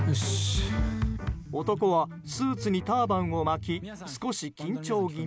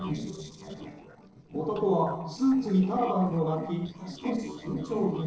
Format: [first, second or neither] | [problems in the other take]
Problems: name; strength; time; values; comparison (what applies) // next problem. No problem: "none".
first | noise reduction (neural separator model SepFormer DNS4)